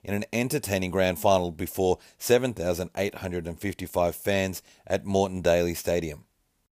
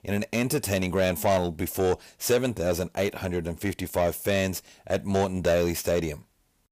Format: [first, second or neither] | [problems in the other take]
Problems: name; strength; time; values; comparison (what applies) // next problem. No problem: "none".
first | distortion; slight; 10 dB below the speech